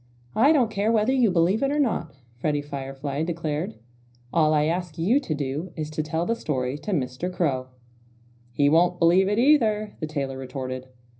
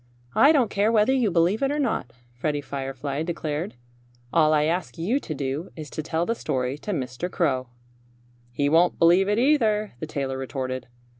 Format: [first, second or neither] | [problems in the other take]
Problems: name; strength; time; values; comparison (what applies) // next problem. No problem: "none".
second | room echo; dies away in 0.4 s